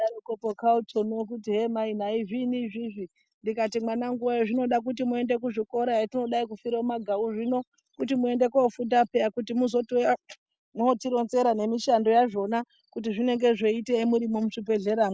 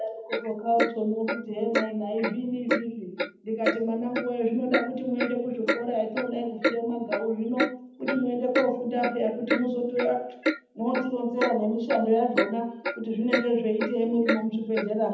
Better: first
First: none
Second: background sound (Clock); 4 dB below the speech // room echo; dies away in 0.8 s

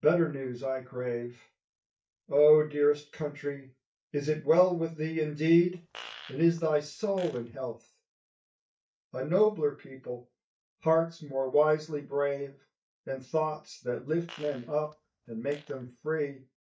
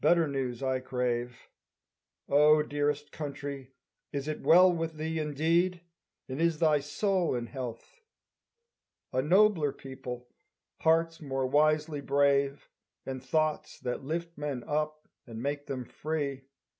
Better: second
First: noise reduction (neural mask model DeepFilterNet 3)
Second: none

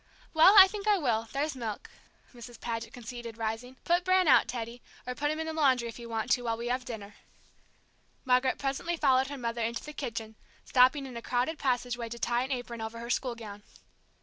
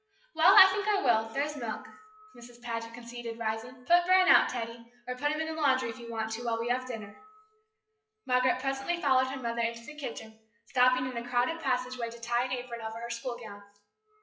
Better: first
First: none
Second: noise reduction (classical method WPE with log-MMSE)

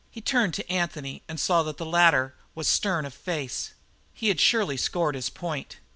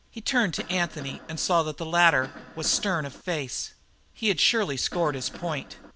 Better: first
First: none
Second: background sound (Cough); 17 dB below the speech

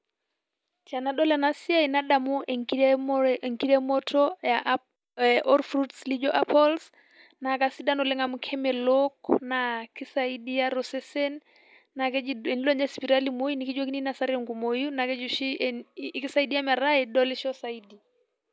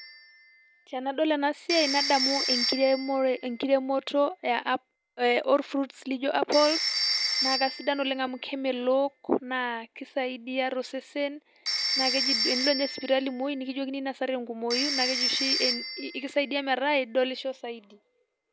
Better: first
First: none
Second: background sound (Telephone); 5 dB below the speech

